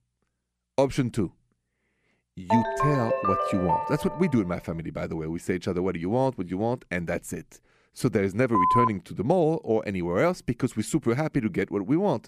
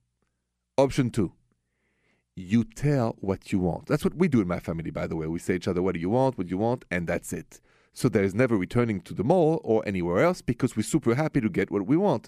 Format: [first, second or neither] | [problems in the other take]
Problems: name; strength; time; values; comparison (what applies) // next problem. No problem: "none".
second | phone ringing; loud; from 2.5 to 4.5 s and at 8.5 s; peak 5 dB above the speech